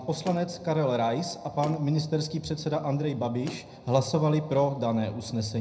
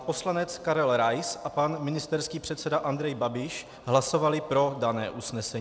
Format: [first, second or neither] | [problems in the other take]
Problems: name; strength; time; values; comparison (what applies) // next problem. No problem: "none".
second | background sound (Motor vehicle (road)); 19 dB below the speech // room echo; dies away in 0.4 s